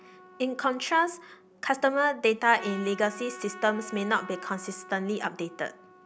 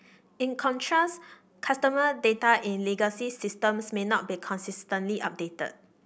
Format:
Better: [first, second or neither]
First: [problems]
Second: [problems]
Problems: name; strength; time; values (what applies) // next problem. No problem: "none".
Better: second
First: background sound (Trumpet); 17 dB below the speech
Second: none